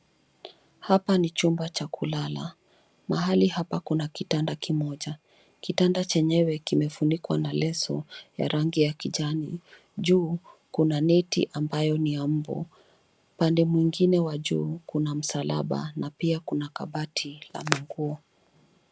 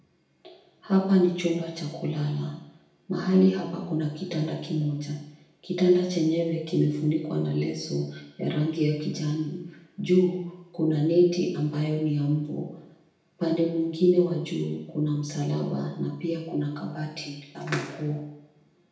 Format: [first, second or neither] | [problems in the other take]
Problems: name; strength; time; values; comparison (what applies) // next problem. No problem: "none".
first | room echo; dies away in 0.8 s